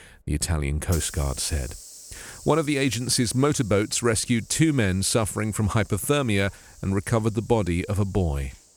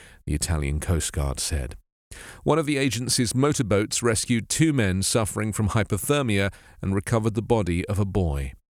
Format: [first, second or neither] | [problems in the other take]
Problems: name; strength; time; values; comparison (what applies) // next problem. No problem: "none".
second | hiss; noticeable; throughout; 20 dB below the speech